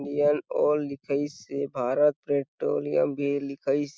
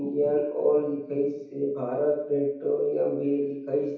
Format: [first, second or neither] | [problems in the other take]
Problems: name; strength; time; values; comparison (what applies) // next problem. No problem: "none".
first | room echo; dies away in 2.2 s